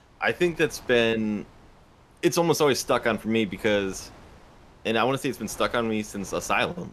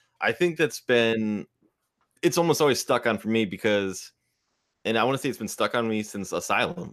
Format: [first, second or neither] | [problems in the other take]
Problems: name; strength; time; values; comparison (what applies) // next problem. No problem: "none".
second | wind noise on the microphone; occasional gusts; 25 dB below the speech